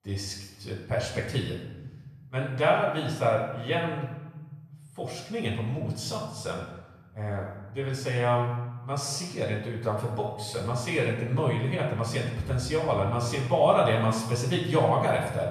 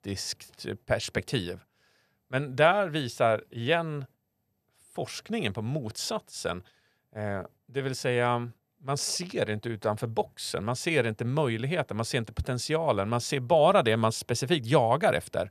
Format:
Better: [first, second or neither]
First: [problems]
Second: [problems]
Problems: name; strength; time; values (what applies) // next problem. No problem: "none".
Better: second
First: off-mic speech; far // room echo; noticeable; dies away in 1 s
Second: none